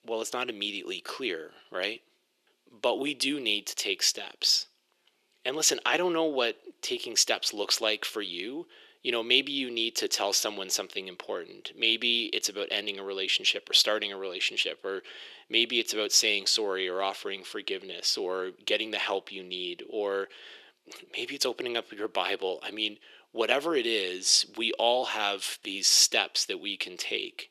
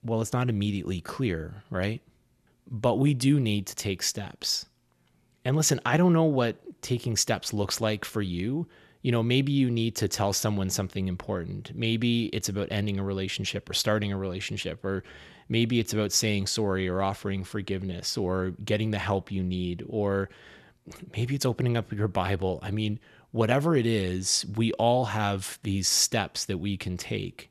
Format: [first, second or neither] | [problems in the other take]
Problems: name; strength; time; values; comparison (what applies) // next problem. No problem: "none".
second | thin; very; fading below 350 Hz